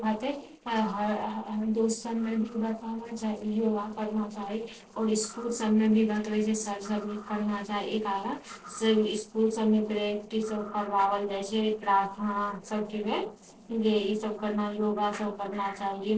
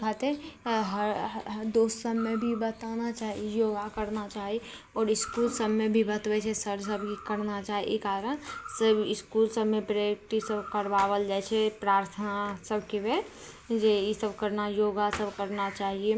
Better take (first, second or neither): second